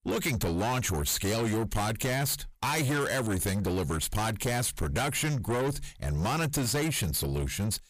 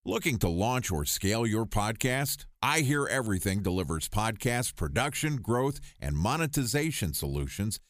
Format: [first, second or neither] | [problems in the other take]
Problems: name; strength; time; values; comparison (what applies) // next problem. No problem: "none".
second | distortion; heavy; 6 dB below the speech